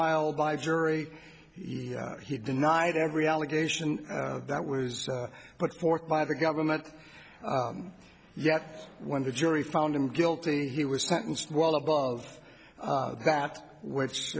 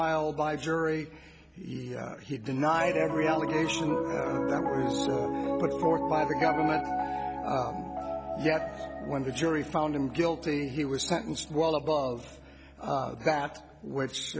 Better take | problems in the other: first | background sound (Piano); 4 dB below the speech

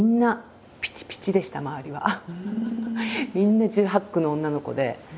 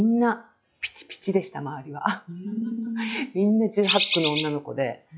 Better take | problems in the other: first | noise reduction (classical method log-MMSE)

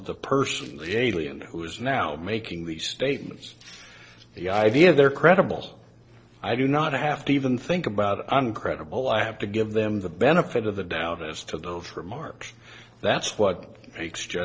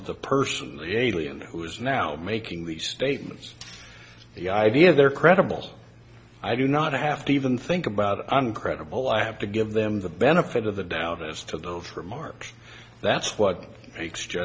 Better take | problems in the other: second | noise reduction (neural separator model SepFormer DNS4)

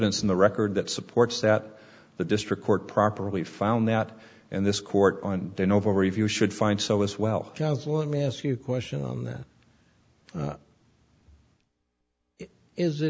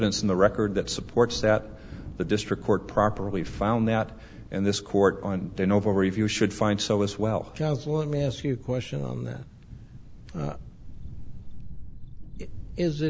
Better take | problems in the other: first | background sound (Thunder); 13 dB below the speech

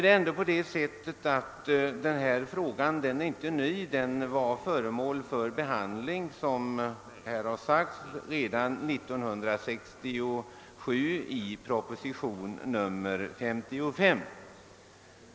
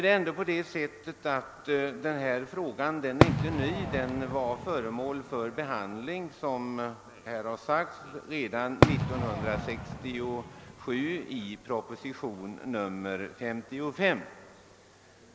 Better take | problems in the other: first | background sound (Fireworks); 2 dB above the speech

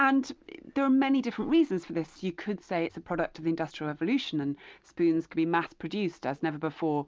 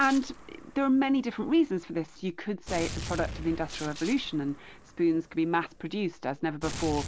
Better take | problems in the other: first | background sound (Gunshot, gunfire); 12 dB below the speech

